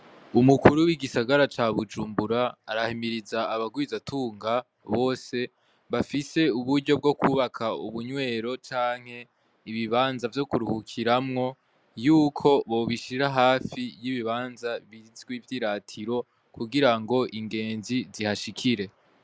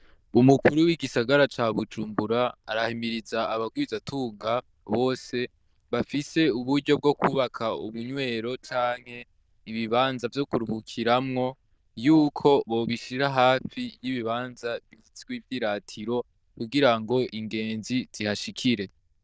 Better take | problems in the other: first | noise reduction (neural diffusion model UNIVERSE++)

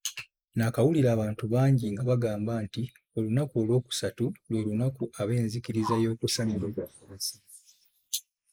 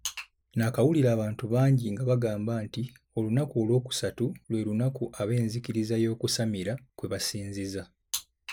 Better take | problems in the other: second | noise reduction (neural mask model Resemble Enhance denoiser)

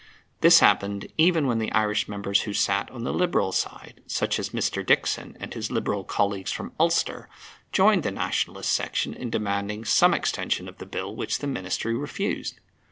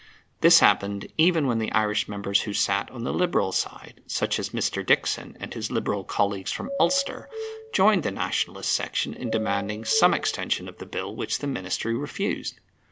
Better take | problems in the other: first | background sound (Doorbell); 11 dB below the speech

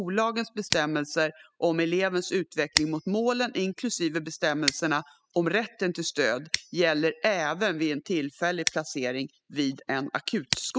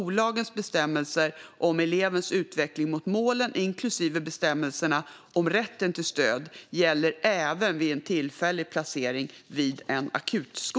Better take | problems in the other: second | noise reduction (classical method spectral subtraction)

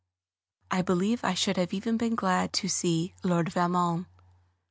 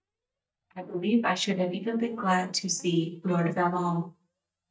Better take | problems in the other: first | noise reduction (neural mask model DeepFilterNet 3)

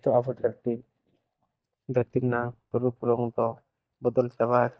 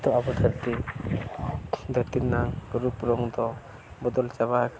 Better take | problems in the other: second | noise reduction (neural mask model DeepFilterNet 3)

